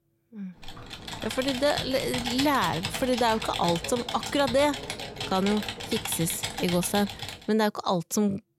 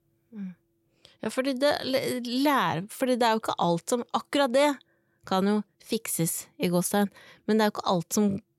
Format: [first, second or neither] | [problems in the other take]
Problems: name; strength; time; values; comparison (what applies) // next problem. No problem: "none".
second | keyboard typing; noticeable; from 0.5 to 7.5 s; peak 3 dB below the speech